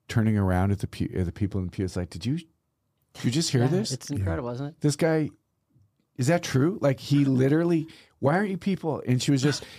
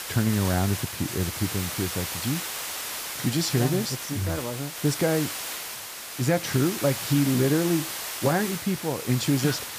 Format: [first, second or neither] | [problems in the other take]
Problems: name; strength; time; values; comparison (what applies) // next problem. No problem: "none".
first | hiss; loud; throughout; 5 dB below the speech